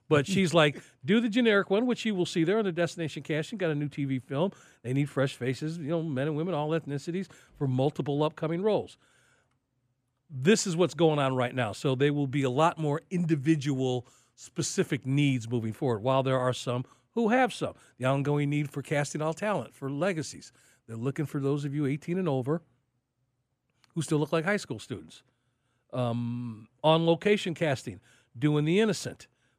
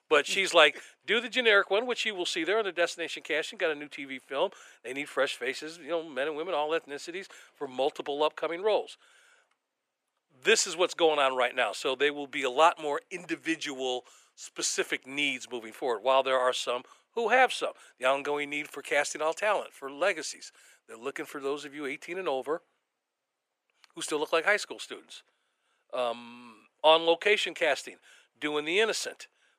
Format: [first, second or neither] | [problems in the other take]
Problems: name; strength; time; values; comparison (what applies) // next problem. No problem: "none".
first | thin; very; fading below 450 Hz